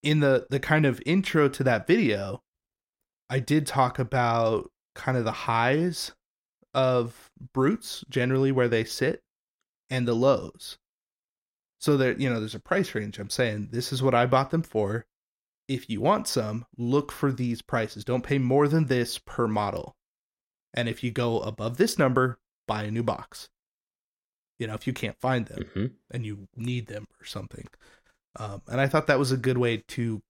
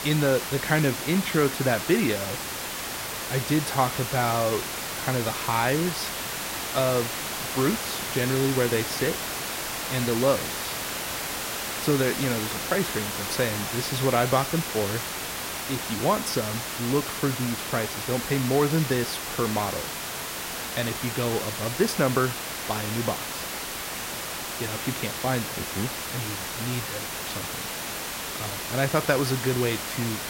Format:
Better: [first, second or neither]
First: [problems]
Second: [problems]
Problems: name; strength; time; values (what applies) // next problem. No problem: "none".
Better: first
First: none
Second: hiss; loud; throughout; 3 dB below the speech